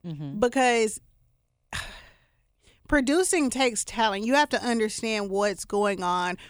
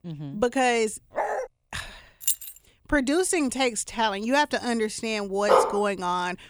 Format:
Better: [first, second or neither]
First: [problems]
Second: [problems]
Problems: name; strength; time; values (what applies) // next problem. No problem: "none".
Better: first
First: none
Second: dog barking; noticeable; at 1 s; peak 3 dB below the speech // jangling keys; noticeable; at 2 s; peak level with the speech // dog barking; loud; at 5.5 s; peak 4 dB above the speech